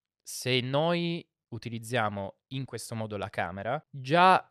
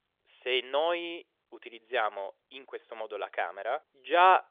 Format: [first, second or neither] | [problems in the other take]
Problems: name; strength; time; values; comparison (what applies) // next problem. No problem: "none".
first | phone-call audio; nothing above 3.5 kHz